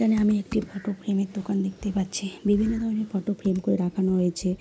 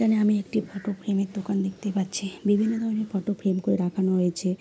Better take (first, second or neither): second